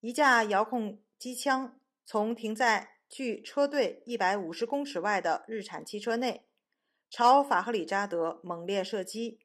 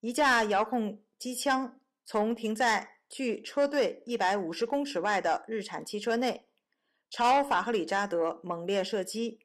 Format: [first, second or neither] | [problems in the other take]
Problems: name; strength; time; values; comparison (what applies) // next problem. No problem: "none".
first | distortion; slight; 10 dB below the speech